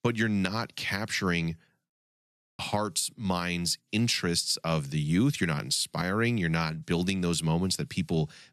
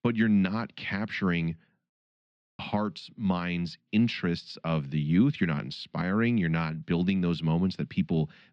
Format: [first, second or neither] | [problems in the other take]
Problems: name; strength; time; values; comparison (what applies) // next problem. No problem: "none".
first | muffled; slightly; fading above 3.5 kHz